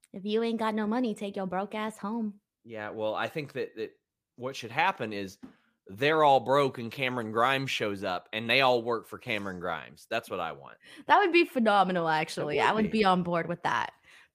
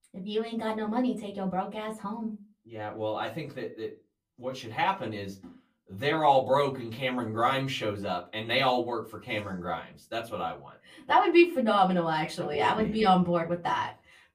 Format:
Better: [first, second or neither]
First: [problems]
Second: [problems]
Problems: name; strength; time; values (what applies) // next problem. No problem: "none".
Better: first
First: none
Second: off-mic speech; far // room echo; very slight; dies away in 0.2 s